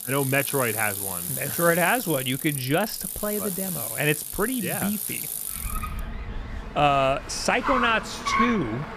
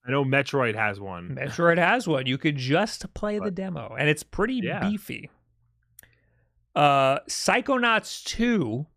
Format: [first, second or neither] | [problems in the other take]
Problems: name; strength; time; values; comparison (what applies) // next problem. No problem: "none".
second | traffic noise; loud; throughout; 4 dB below the speech